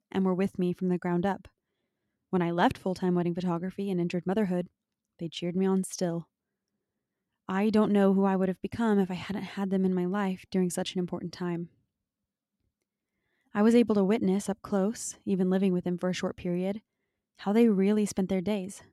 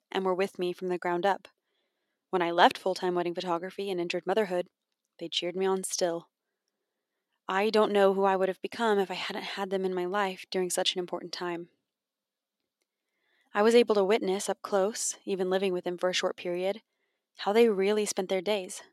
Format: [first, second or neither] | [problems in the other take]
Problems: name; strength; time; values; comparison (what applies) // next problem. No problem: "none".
first | thin; somewhat; fading below 500 Hz